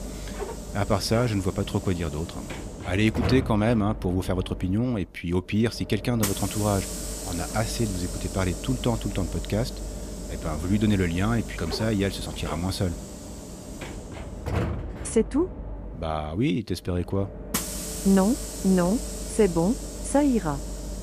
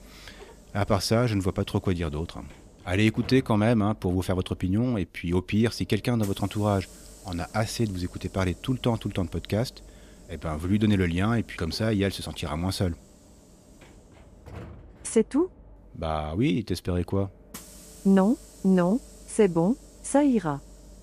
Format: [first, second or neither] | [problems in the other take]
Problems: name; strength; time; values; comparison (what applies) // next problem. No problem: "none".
second | hiss; loud; throughout; 8 dB below the speech; faint in the second